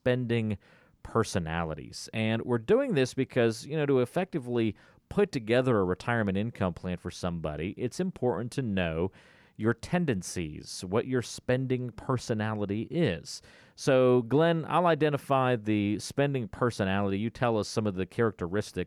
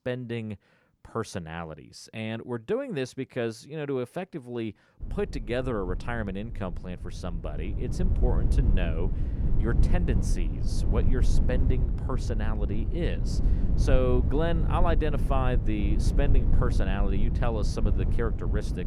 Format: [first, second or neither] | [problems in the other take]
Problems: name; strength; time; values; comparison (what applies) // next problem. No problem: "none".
first | low rumble; loud; from 5 s on; 8 dB below the speech